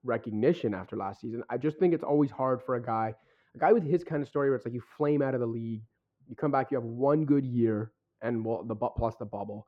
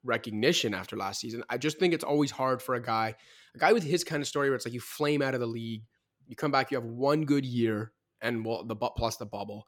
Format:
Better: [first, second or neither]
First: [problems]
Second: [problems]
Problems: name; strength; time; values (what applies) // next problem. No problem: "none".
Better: second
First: muffled; very; fading above 2.5 kHz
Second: none